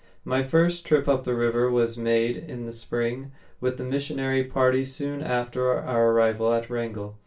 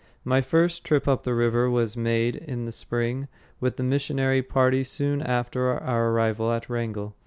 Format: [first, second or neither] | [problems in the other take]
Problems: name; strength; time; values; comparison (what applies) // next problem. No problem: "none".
second | room echo; dies away in 0.2 s